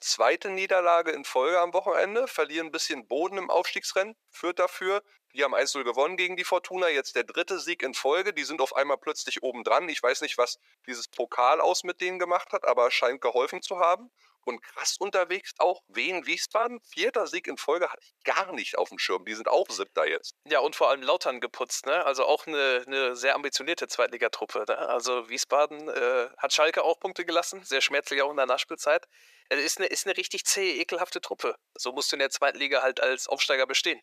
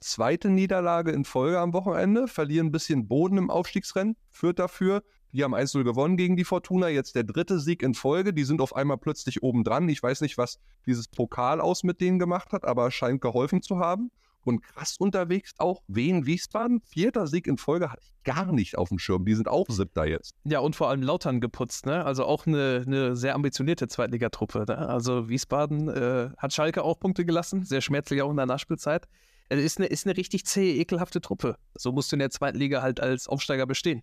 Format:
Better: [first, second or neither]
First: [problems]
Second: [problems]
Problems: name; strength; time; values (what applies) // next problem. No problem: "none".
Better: second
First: thin; very; fading below 450 Hz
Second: none